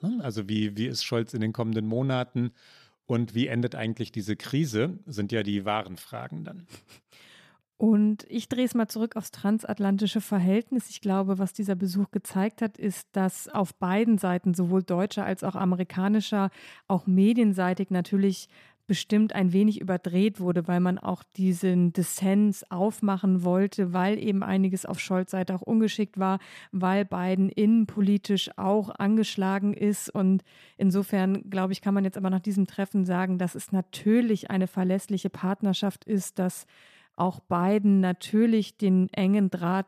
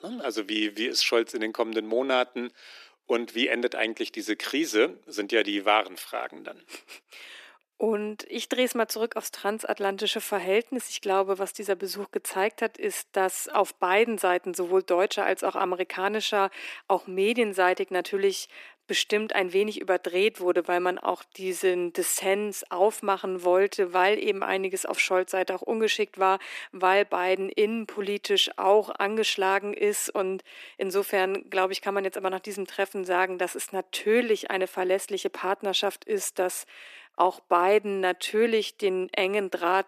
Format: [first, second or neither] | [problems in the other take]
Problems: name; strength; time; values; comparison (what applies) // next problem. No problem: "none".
first | thin; very; fading below 300 Hz